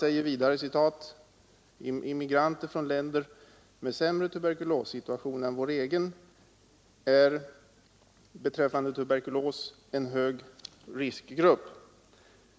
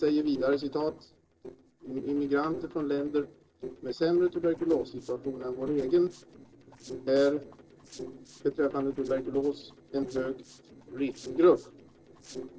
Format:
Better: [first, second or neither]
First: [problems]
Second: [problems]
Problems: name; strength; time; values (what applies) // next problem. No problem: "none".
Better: first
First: none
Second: noise reduction (neural separator model SepFormer DNS4)